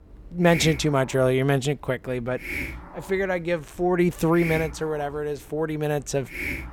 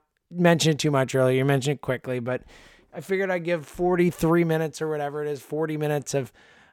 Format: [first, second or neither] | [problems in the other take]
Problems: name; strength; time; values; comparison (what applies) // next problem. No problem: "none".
second | hiss; loud; throughout; 9 dB below the speech